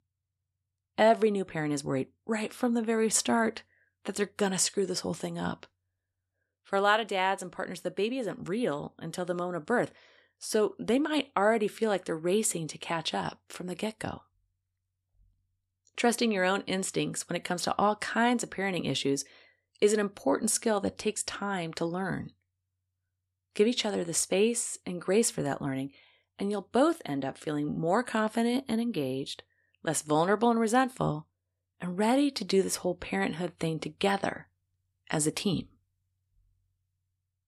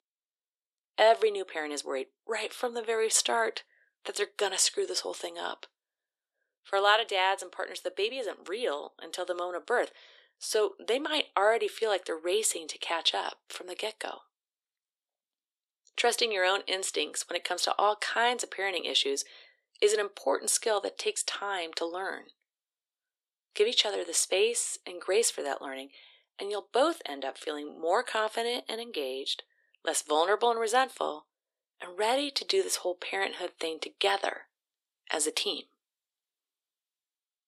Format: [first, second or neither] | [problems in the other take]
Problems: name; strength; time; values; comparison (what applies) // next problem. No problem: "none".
first | thin; very; fading below 350 Hz